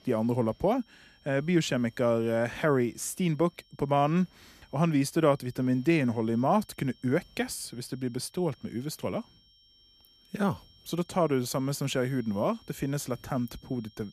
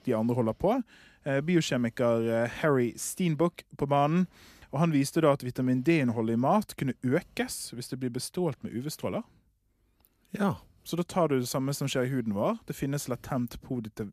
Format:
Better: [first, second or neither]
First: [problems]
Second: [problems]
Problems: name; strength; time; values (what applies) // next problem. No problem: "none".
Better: second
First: high-pitched whine; faint; throughout; 3 kHz, 30 dB below the speech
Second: none